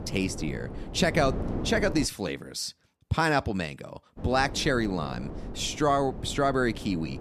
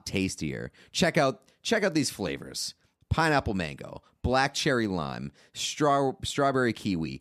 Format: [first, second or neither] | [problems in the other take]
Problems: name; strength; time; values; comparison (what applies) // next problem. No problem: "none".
second | wind noise on the microphone; occasional gusts; until 2 s and from 4 s on; 15 dB below the speech